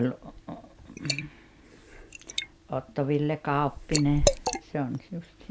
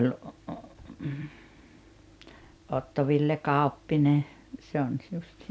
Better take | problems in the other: second | background sound (Liquid); 3 dB below the speech

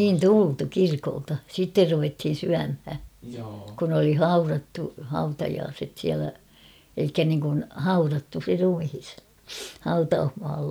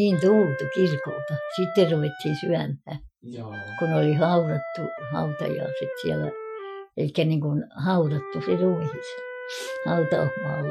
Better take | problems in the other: first | noise reduction (classical method Wiener filter)

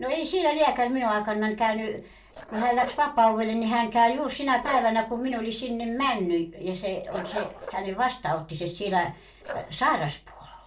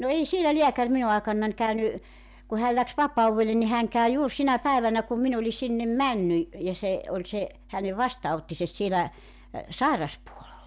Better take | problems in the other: second | noise reduction (neural separator model SepFormer DNS4)

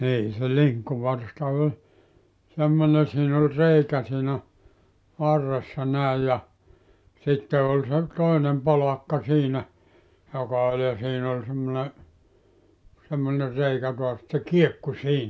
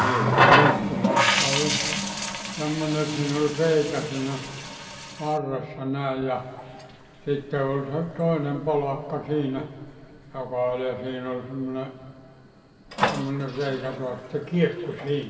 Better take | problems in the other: first | background sound (Water tap, faucet); as loud as the speech // room echo; dies away in 1.7 s

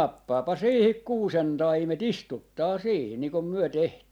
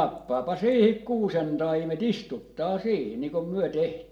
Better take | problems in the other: first | room echo; dies away in 0.6 s

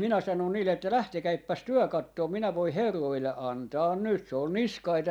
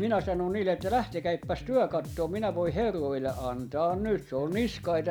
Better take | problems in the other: first | background sound (Bass guitar); 13 dB below the speech

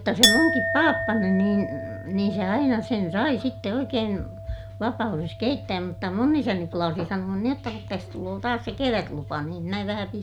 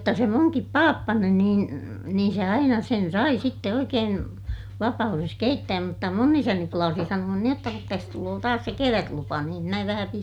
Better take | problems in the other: second | background sound (Chink, clink); 6 dB below the speech

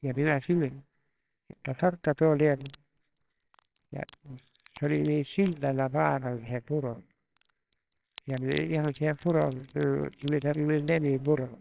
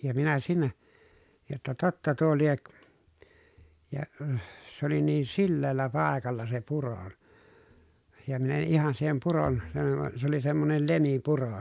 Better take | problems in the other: second | noise reduction (neural separator model SepFormer WHAMR!)

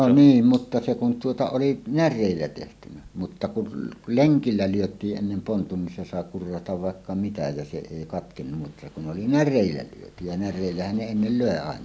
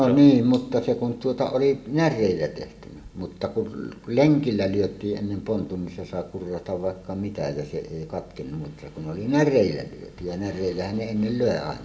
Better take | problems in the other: first | room echo; dies away in 0.8 s

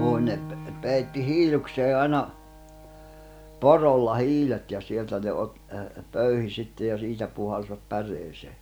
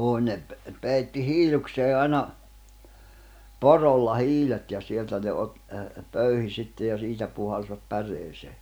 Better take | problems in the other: second | background sound (Piano); 15 dB below the speech

